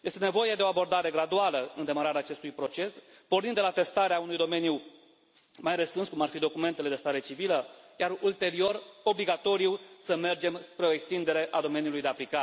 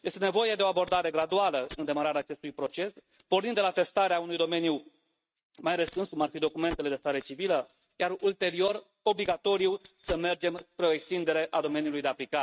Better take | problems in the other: first | noise reduction (neural mask model RNNoise)

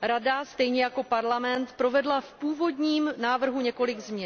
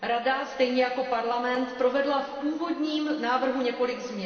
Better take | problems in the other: first | room echo; dies away in 2.4 s

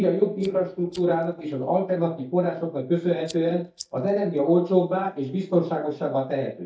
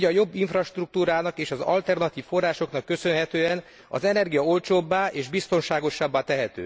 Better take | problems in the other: second | noise reduction (neural mask model DeepFilterNet 3)

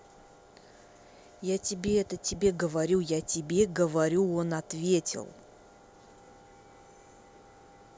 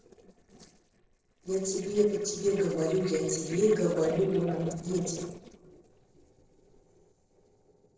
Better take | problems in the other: first | noise reduction (neural separator model SepFormer DNS4)

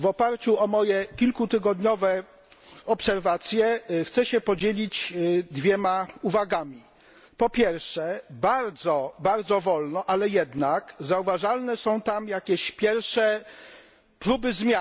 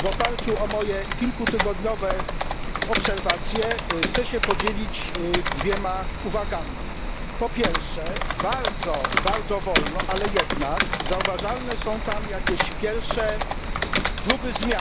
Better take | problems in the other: first | background sound (Rain + Computer keyboard); 2 dB above the speech

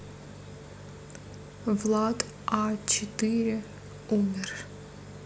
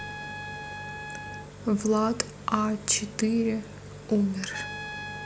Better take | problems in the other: first | background sound (Trumpet); 13 dB below the speech

